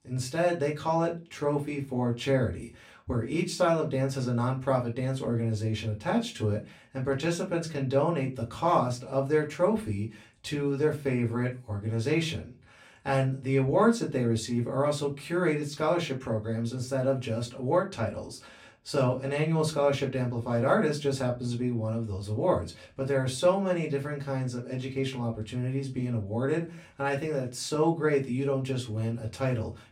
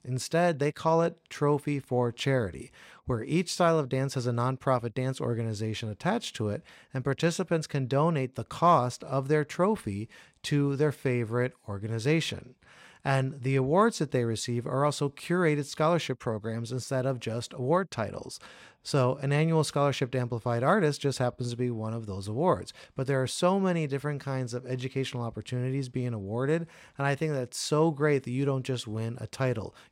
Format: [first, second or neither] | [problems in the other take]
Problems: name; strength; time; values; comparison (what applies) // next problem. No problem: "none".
second | off-mic speech; far // room echo; very slight; dies away in 0.2 s